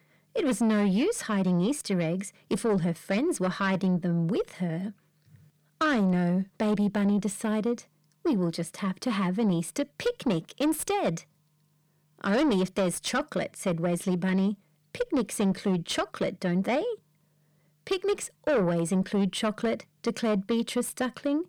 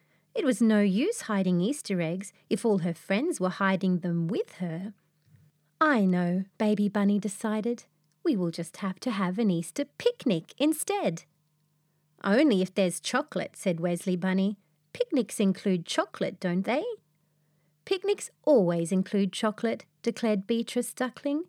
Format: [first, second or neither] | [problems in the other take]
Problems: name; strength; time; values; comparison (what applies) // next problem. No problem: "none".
second | distortion; slight; 10 dB below the speech